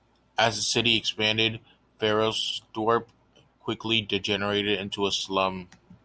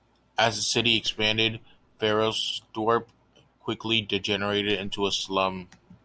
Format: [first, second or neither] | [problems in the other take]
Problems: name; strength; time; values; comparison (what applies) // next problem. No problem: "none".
first | background sound (Clapping); 17 dB below the speech